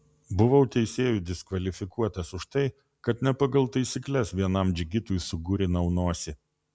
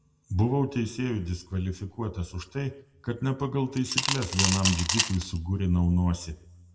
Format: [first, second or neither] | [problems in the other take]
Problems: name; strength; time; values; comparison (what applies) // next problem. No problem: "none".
first | background sound (Coin (dropping) / Glass); 1 dB below the speech // room echo; dies away in 0.5 s